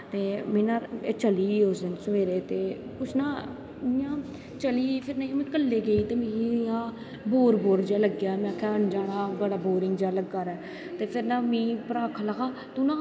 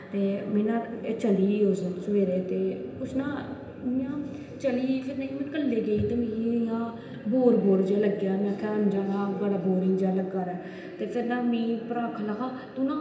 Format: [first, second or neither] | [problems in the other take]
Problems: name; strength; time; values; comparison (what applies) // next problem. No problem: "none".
first | room echo; dies away in 0.8 s